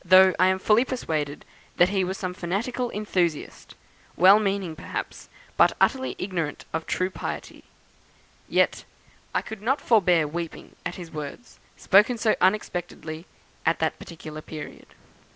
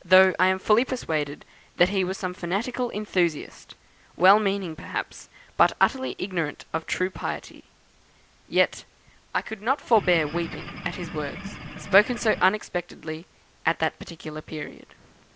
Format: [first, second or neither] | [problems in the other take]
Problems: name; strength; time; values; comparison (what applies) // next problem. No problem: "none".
first | background sound (Engine / Boat, Water vehicle); 10 dB below the speech